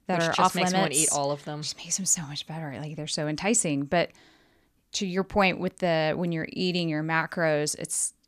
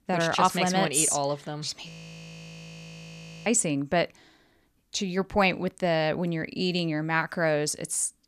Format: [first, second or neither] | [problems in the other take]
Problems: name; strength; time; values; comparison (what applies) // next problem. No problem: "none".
first | audio freezing; at 2 s for 1.5 s